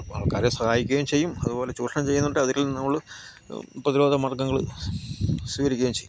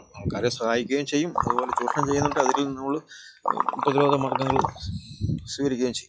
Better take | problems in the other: first | noise reduction (classical method log-MMSE)

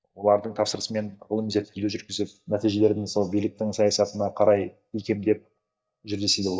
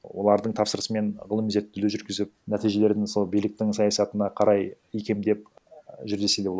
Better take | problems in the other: second | noise reduction (neural mask model DeepFilterNet 3)

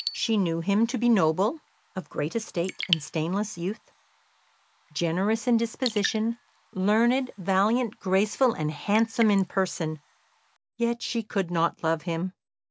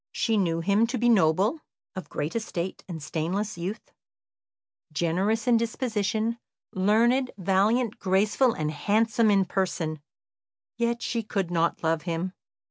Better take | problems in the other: second | background sound (Raindrop / Drip); 15 dB below the speech

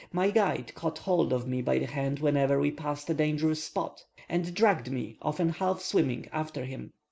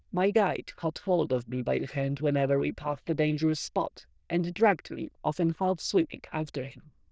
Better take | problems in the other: first | noise reduction (neural diffusion model UNIVERSE++)

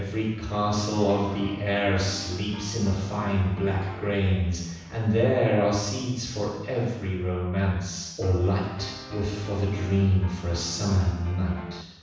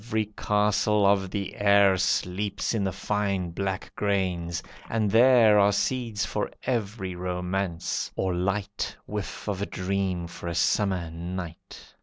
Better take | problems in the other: second | background sound (Piano); 15 dB below the speech // room echo; dies away in 1.1 s

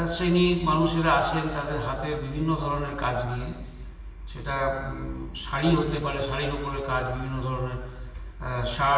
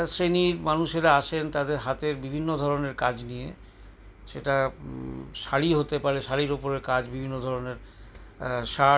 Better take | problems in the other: second | room echo; dies away in 1.4 s

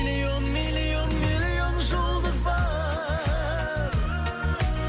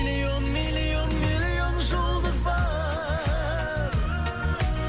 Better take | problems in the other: first | background sound (Thunder / Bicycle); 16 dB below the speech

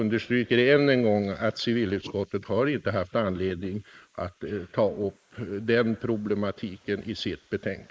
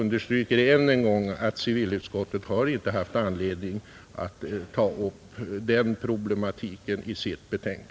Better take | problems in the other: second | noise reduction (neural mask model Resemble Enhance denoiser)

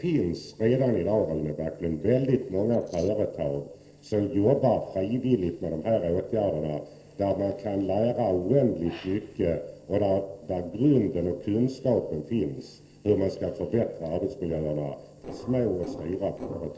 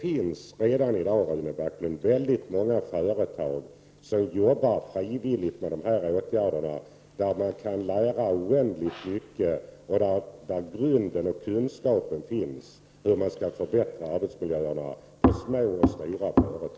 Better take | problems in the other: second | noise reduction (neural separator model SepFormer DNS4)

